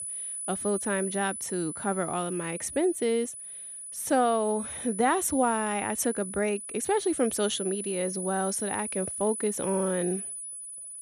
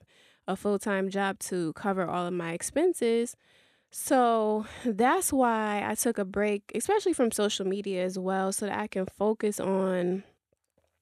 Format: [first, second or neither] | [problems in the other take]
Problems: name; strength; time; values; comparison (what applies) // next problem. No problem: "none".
second | high-pitched whine; loud; throughout; 10 kHz, 6 dB below the speech